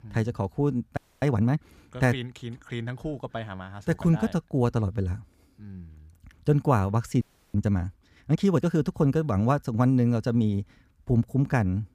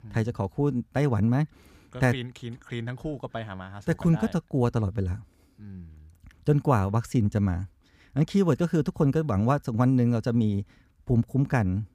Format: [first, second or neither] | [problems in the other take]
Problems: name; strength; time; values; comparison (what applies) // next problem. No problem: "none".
second | audio freezing; at 1 s and at 7 s